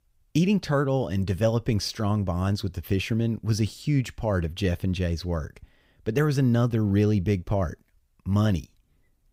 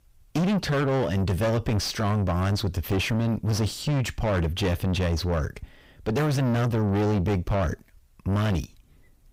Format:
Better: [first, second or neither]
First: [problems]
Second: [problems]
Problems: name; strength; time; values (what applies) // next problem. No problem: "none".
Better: first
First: none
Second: distortion; heavy; 4 dB below the speech